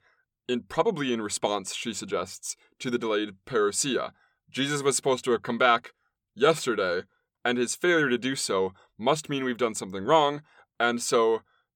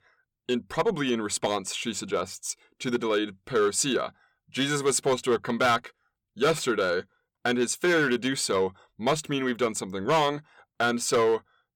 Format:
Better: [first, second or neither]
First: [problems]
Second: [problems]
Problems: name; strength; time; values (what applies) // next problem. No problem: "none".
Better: first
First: none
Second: distortion; slight; 4% of the sound clipped